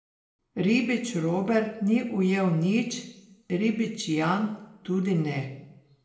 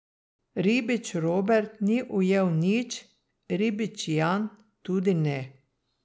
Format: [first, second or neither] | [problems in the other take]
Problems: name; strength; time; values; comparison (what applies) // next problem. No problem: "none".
second | room echo; dies away in 0.7 s